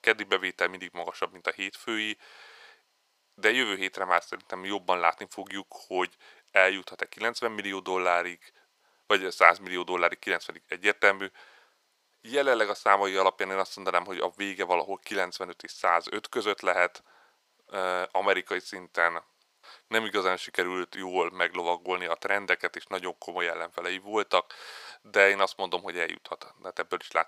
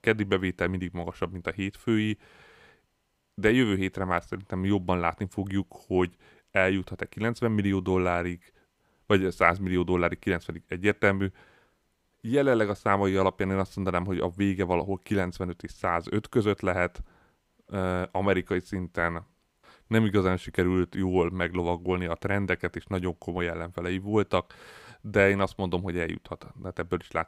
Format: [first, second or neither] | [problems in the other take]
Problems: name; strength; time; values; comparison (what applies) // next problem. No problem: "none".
second | thin; very; fading below 700 Hz